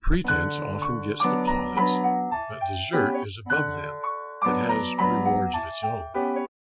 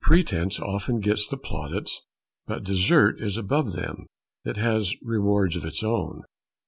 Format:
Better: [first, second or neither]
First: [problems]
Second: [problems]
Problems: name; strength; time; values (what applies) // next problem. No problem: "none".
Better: second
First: noise reduction (classical method Wiener filter)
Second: none